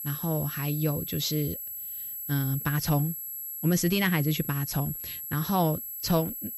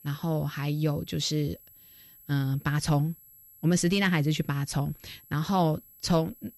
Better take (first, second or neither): second